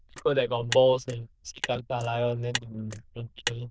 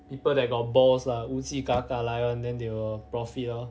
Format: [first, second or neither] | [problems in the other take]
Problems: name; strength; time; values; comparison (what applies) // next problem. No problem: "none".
second | noise reduction (neural diffusion model UNIVERSE++)